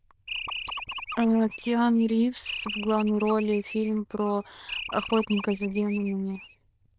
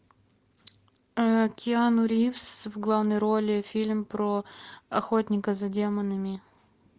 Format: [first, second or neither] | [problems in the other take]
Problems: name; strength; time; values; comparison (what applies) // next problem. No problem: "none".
second | noise reduction (neural diffusion model UNIVERSE++)